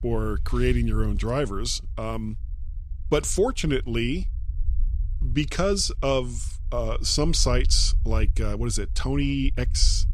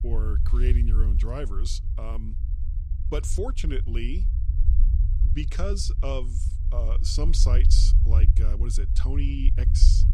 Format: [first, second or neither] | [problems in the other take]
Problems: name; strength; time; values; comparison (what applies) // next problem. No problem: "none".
first | low rumble; loud; throughout; 9 dB below the speech; faint in the first